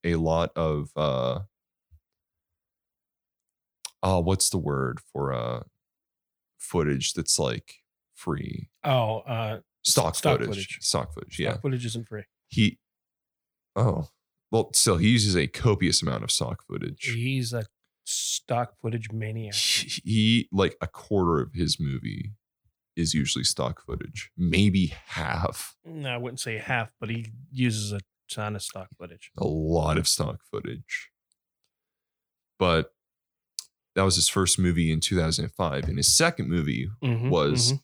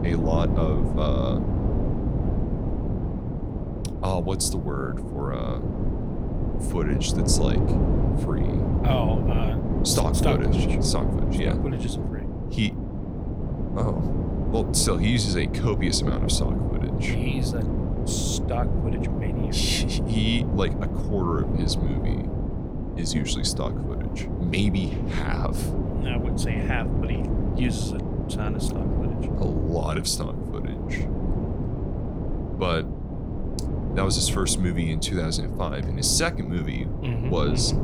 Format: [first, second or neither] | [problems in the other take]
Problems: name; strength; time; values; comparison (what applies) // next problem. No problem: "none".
first | wind noise on the microphone; heavy; 5 dB below the speech